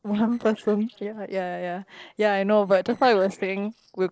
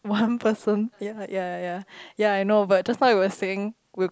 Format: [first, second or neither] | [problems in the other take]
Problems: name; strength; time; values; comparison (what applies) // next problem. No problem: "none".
second | noise reduction (neural separator model SepFormer DNS4)